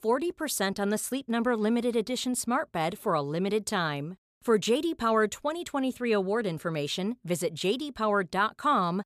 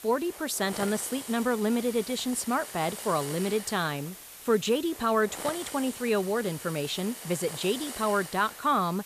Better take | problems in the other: first | hiss; noticeable; throughout; 10 dB below the speech

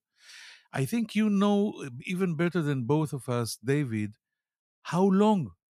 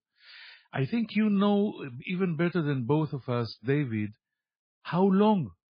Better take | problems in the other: first | garbled, watery; badly; nothing above 11.5 kHz

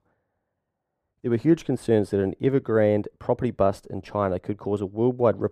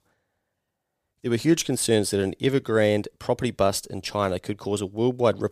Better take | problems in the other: second | muffled; very; fading above 2.5 kHz

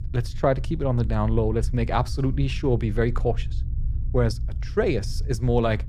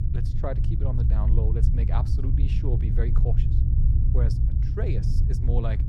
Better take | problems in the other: first | low rumble; loud; throughout; 2 dB below the speech; faint in the first

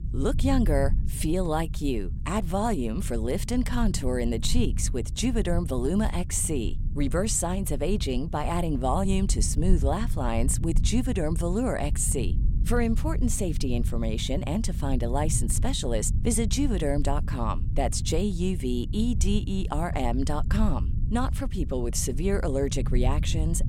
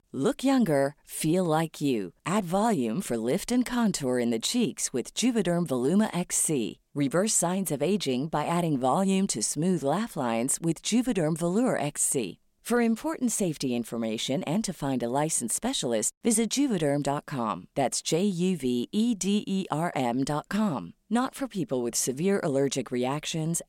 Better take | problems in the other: second | low rumble; noticeable; throughout; 15 dB below the speech

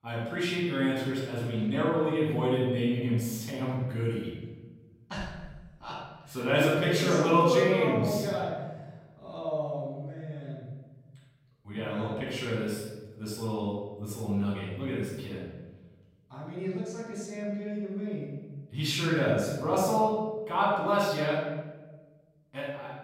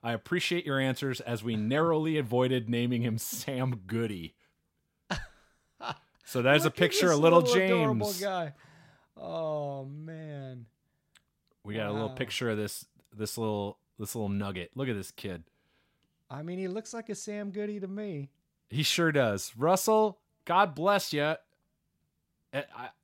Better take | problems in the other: second | off-mic speech; far // room echo; strong; dies away in 1.2 s

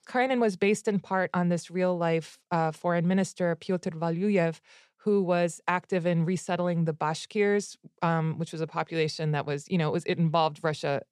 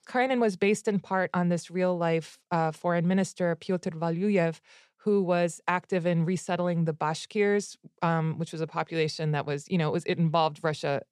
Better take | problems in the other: neither | none

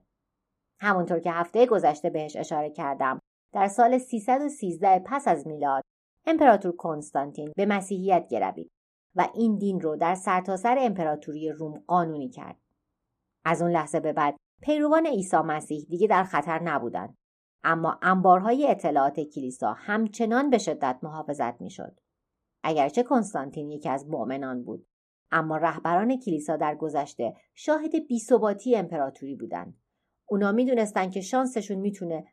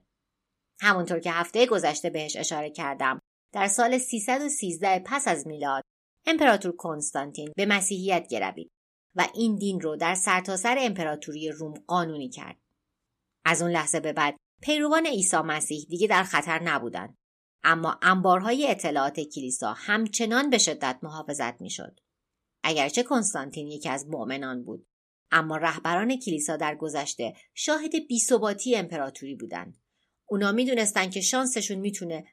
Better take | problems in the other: second | muffled; very; fading above 2 kHz

